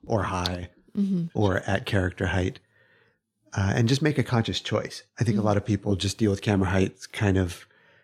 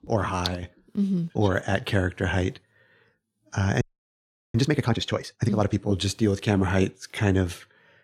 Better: first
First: none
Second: audio freezing; at 4 s for 0.5 s

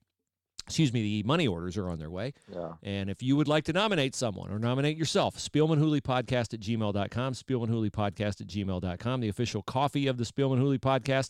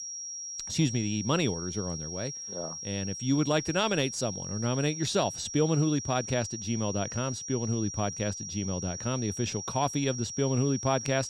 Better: first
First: none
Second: high-pitched whine; loud; throughout; 5.5 kHz, 6 dB below the speech

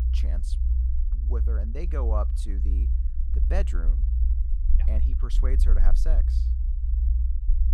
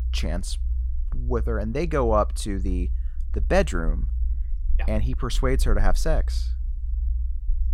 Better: second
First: low rumble; loud; throughout; 7 dB below the speech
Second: low rumble; faint; throughout; 25 dB below the speech

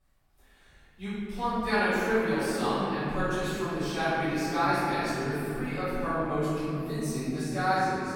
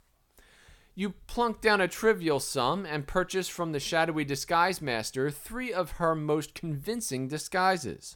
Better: second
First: off-mic speech; far // room echo; strong; dies away in 3 s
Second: none

